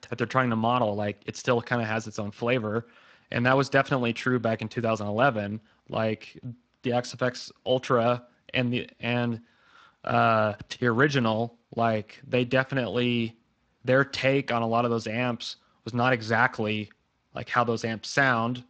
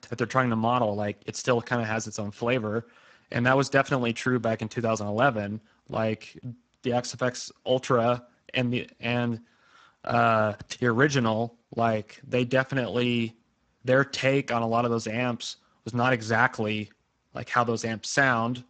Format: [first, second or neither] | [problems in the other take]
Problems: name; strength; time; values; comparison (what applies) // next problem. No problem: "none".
first | garbled, watery; badly; nothing above 7.5 kHz; slightly in the first